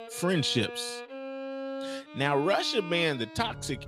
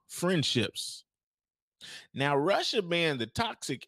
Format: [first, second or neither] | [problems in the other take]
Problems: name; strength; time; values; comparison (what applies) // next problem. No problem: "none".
second | background music; noticeable; throughout; 10 dB below the speech